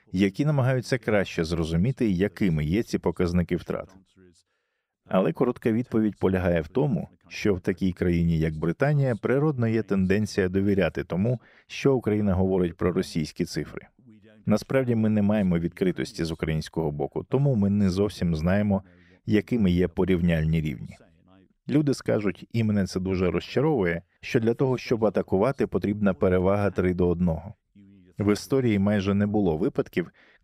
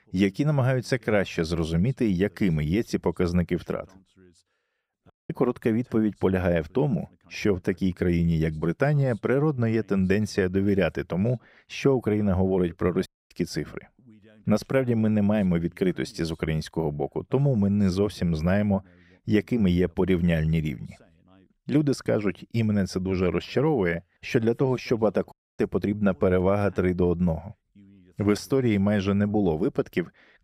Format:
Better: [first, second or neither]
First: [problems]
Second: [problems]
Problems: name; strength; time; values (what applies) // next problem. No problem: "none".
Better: first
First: none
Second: audio cutting out; at 5 s, at 13 s and at 25 s